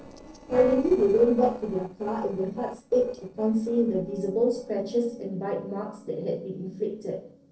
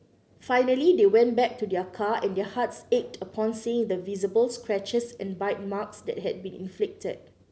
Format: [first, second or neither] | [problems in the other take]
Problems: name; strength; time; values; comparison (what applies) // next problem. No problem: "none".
second | noise reduction (neural separator model SepFormer DNS4)